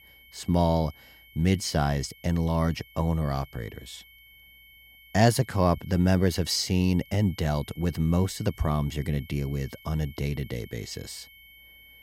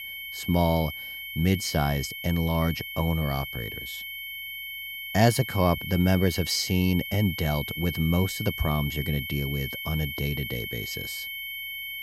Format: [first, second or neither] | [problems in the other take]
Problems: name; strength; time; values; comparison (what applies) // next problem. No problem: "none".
first | high-pitched whine; loud; throughout; 2 kHz, 7 dB below the speech; faint in the first